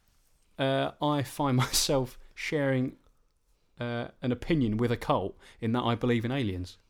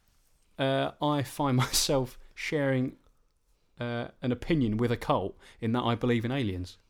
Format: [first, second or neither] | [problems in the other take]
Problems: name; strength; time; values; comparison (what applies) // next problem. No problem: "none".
neither | none